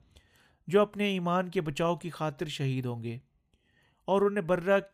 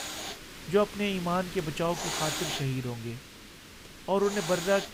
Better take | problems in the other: first | hiss; loud; throughout; 6 dB below the speech

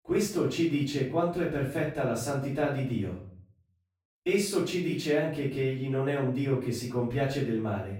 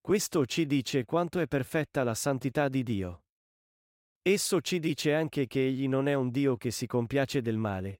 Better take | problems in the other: second | off-mic speech; far // room echo; noticeable; dies away in 0.4 s

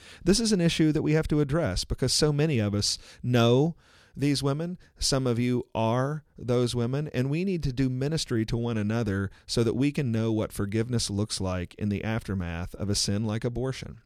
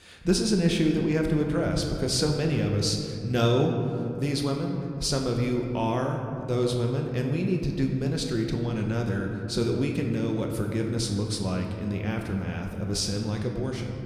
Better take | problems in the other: first | room echo; slight; dies away in 2.2 s

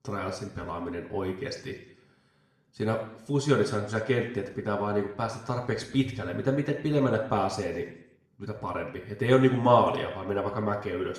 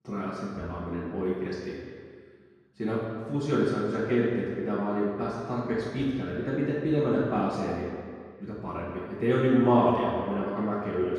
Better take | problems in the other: first | room echo; strong; dies away in 2 s; slight in the first // off-mic speech; far; far in the first

